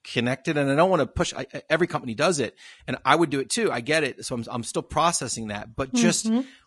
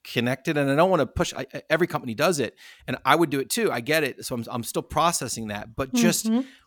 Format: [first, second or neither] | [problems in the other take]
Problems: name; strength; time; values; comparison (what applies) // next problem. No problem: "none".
second | garbled, watery; slightly; nothing above 10.5 kHz